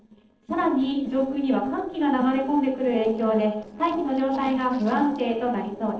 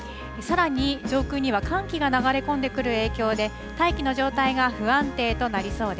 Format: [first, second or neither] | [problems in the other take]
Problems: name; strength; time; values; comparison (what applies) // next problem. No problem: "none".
second | noise reduction (neural separator model SepFormer DNS4)